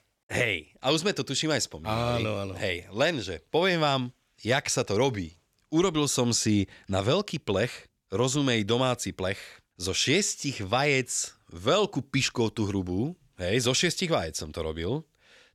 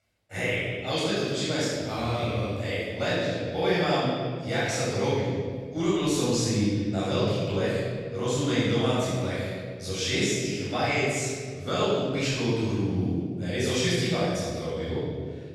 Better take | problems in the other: first | off-mic speech; far // room echo; strong; dies away in 1.8 s

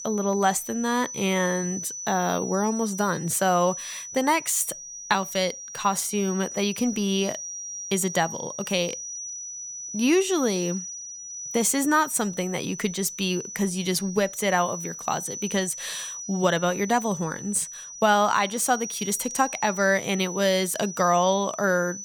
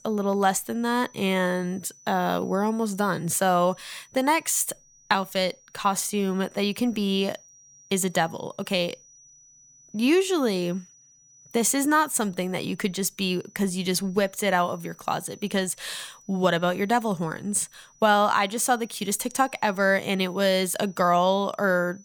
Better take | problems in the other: second | high-pitched whine; loud; throughout; 6 kHz, 9 dB below the speech; faint in the second

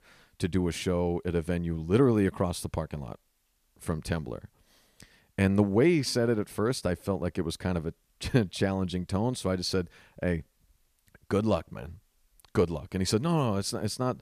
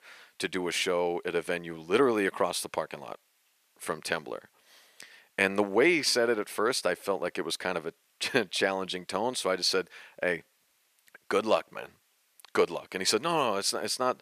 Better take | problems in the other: first | thin; somewhat; fading below 450 Hz

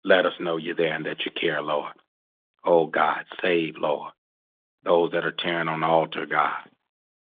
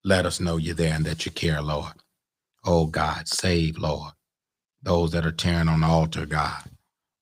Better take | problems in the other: second | phone-call audio; nothing above 3.5 kHz

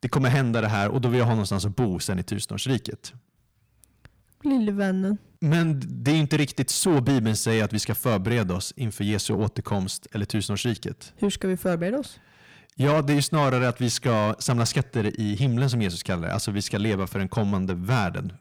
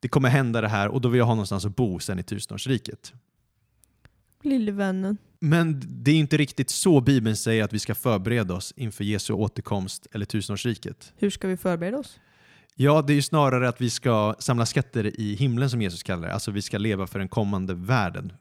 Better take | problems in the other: second | distortion; slight; 10 dB below the speech

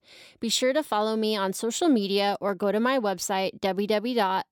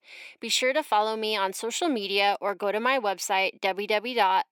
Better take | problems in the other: first | thin; somewhat; fading below 350 Hz

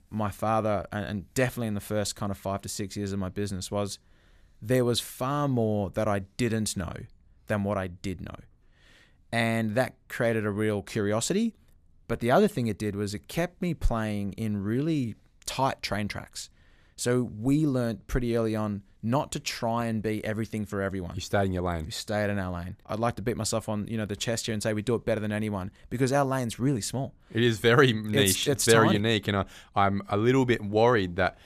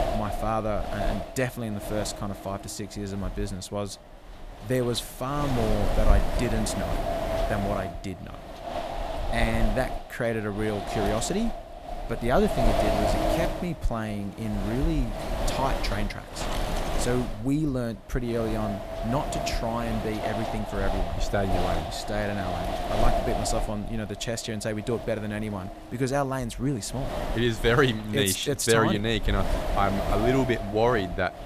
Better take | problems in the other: first | wind noise on the microphone; heavy; 2 dB below the speech

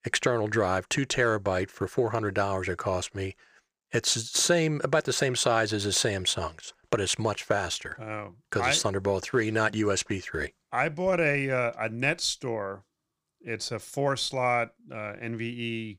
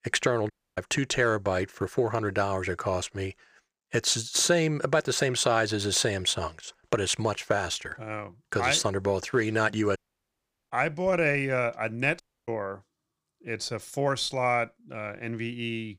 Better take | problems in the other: first | audio cutting out; at 0.5 s, at 10 s for 1 s and at 12 s

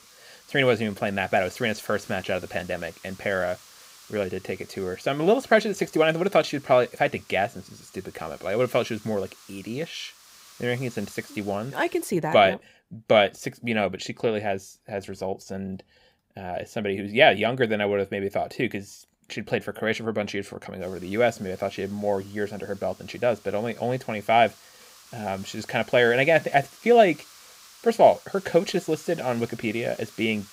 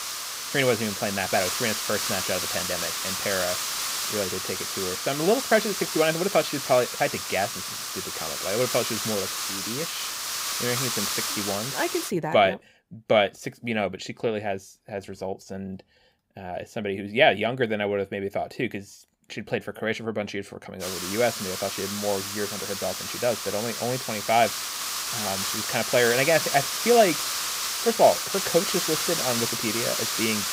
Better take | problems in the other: first | hiss; loud; until 12 s and from 21 s on; 1 dB below the speech; faint in the first

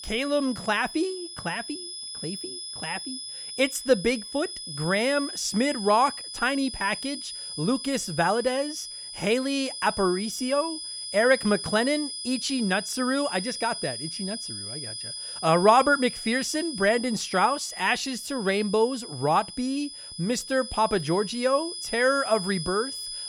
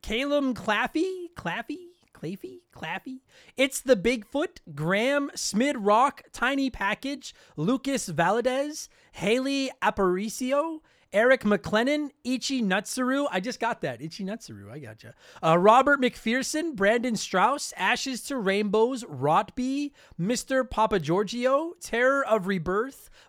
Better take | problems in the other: second | high-pitched whine; loud; throughout; 5 kHz, 8 dB below the speech

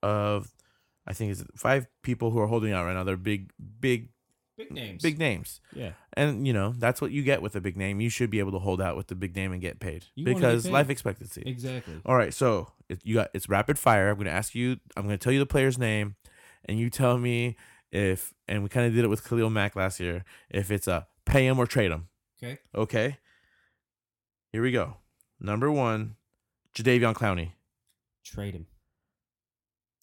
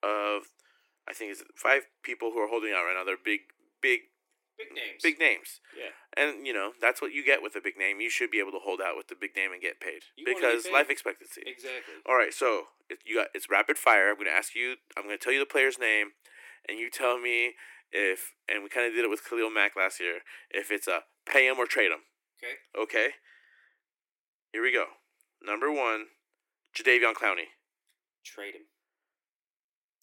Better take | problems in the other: first | thin; very; fading below 300 Hz

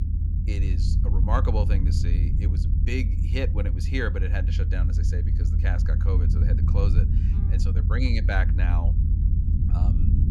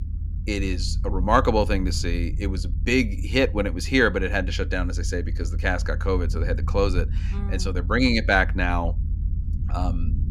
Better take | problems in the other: second | low rumble; loud; throughout; 5 dB below the speech; faint in the second

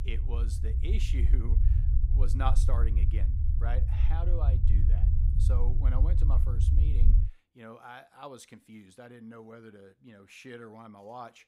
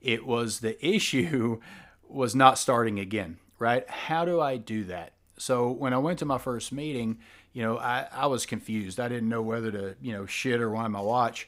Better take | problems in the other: second | low rumble; loud; until 7 s; 3 dB below the speech

